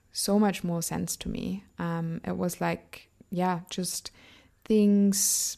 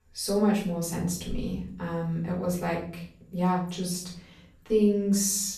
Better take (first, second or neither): first